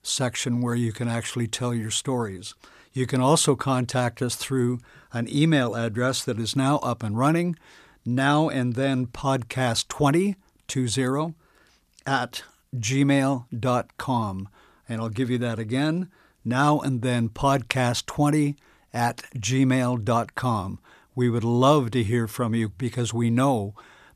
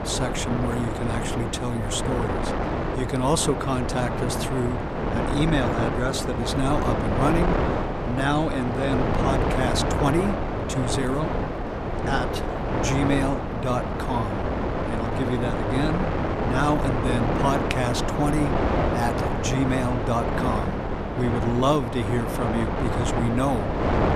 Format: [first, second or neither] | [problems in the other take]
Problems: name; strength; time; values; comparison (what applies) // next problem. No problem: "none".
first | wind noise on the microphone; heavy; 1 dB above the speech